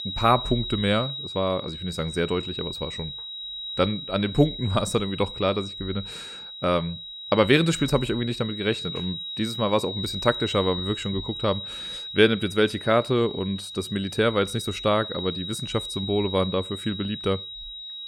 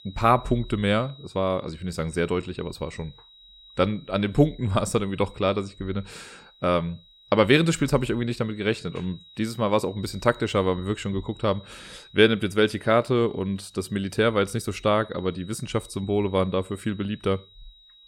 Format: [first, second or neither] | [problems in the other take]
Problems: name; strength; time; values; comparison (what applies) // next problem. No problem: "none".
second | high-pitched whine; loud; throughout; 4 kHz, 8 dB below the speech; faint in the second